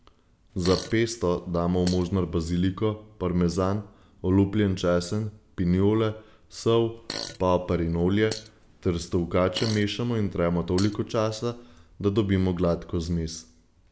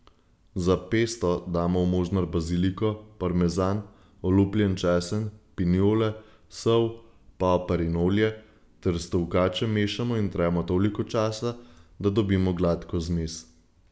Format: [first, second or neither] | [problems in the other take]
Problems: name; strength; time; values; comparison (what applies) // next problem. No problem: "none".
second | background sound (Fart); 15 dB below the speech